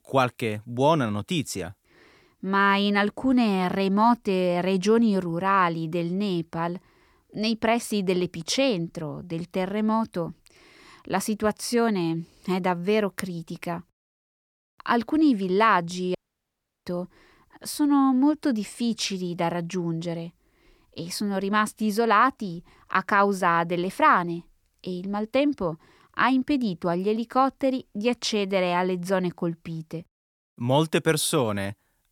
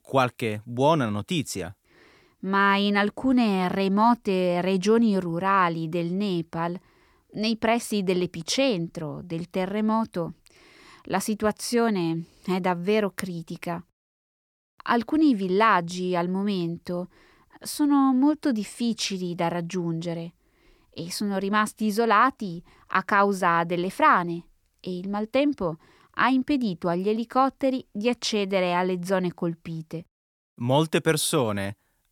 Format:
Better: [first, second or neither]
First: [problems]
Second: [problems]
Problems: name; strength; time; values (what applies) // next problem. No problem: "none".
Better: second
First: audio cutting out; at 16 s for 0.5 s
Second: none